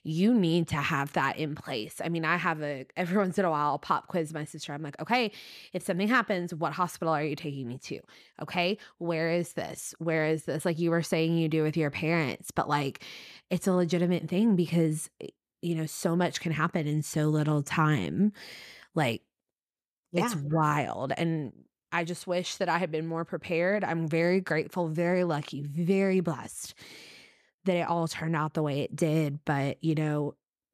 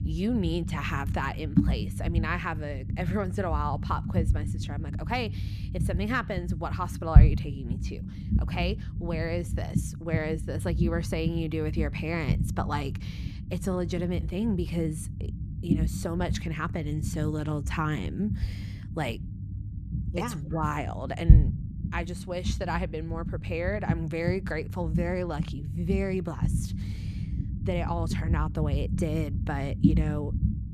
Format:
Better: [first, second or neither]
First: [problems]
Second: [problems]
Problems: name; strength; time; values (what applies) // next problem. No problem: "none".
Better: first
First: none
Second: low rumble; loud; throughout; 8 dB below the speech